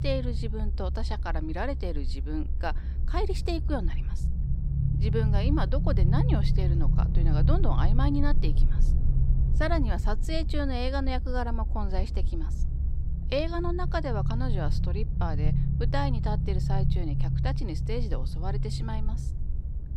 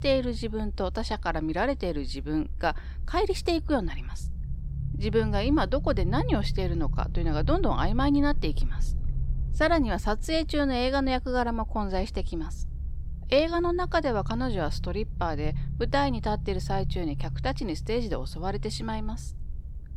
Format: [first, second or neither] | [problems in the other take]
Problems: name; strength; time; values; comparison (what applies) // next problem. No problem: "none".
second | low rumble; loud; throughout; 9 dB below the speech; faint in the second